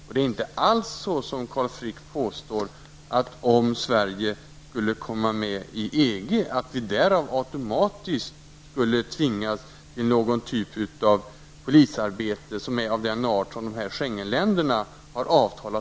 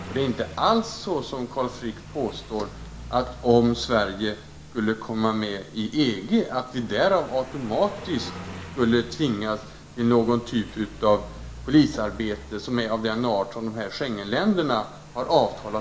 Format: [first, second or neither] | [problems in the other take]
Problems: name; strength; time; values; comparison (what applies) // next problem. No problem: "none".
first | background sound (Car passing by); 17 dB below the speech // room echo; dies away in 0.6 s